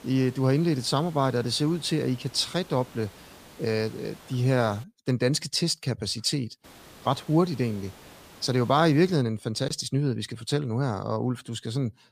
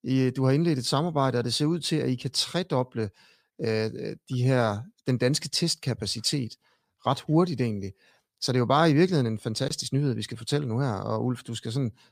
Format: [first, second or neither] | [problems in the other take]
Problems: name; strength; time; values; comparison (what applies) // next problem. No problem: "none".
second | hiss; faint; until 5 s and from 6.5 to 9 s; 20 dB below the speech